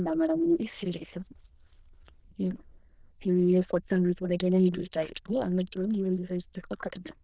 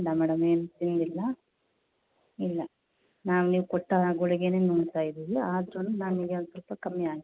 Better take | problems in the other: second | noise reduction (neural diffusion model UNIVERSE++)

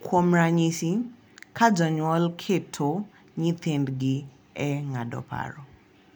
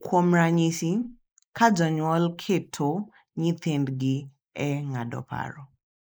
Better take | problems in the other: first | noise reduction (neural mask model Resemble Enhance denoiser)

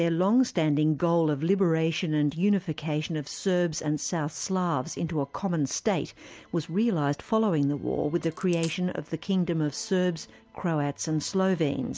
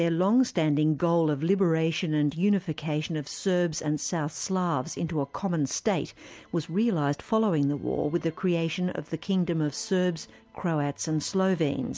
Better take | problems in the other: second | background sound (Coin (dropping)); 19 dB below the speech

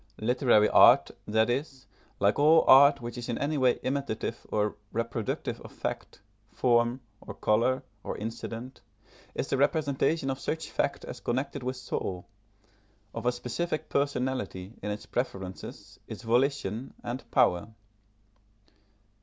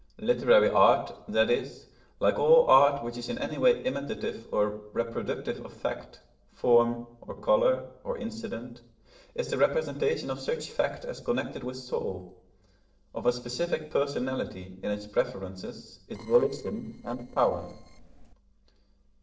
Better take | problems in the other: first | noise reduction (neural separator model SepFormer DNS4)

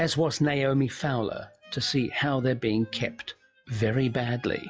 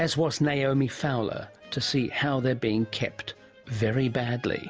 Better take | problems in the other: second | noise reduction (classical method log-MMSE)

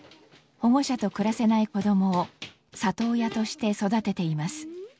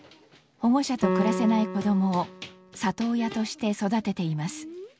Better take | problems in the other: first | background sound (Piano); 6 dB below the speech

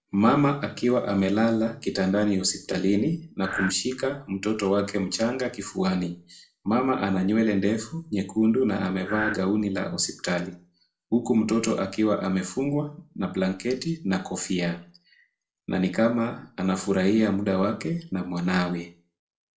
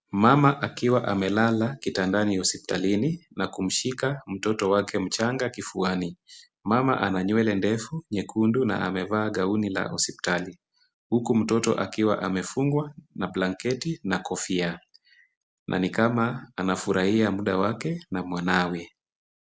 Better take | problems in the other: second | noise reduction (neural separator model SepFormer DNS4)

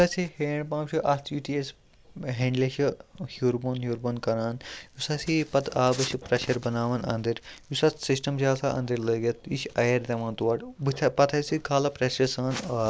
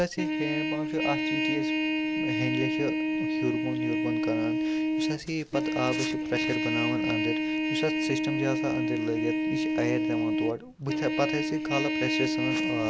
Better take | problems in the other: first | background sound (Trumpet); 5 dB above the speech

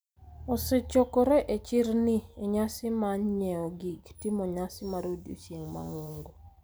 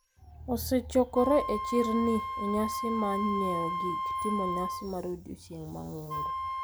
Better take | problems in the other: first | background sound (Wind instrument, woodwind instrument); 4 dB below the speech

